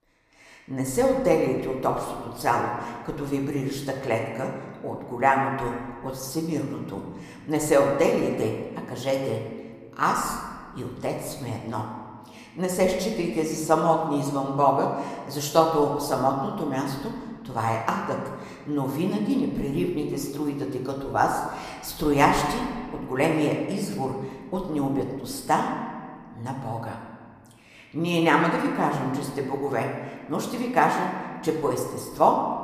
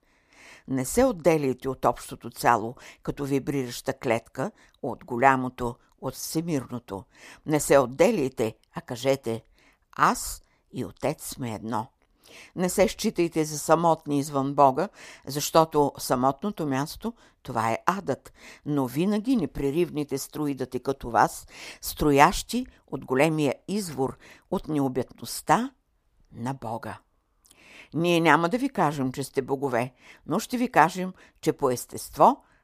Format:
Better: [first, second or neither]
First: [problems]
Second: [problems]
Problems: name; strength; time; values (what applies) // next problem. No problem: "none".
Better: second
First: room echo; noticeable; dies away in 1.5 s // off-mic speech; somewhat distant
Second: none